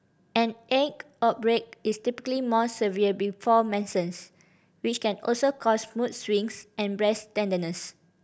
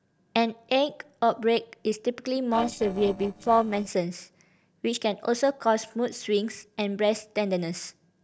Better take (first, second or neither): first